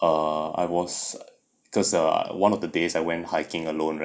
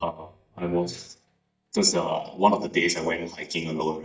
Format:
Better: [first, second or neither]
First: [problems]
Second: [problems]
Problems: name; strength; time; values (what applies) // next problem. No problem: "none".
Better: first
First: none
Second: noise reduction (neural mask model DeepFilterNet 3)